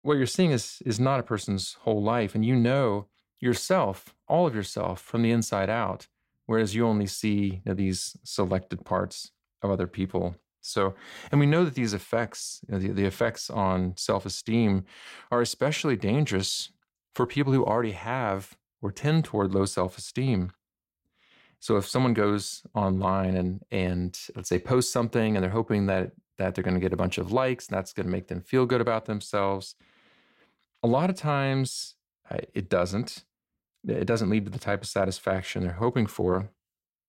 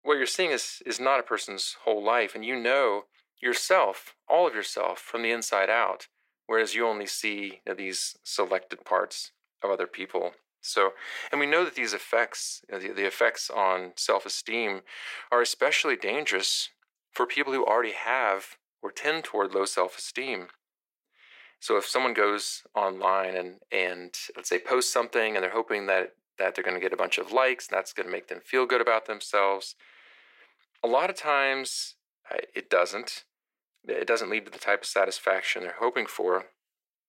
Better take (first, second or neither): first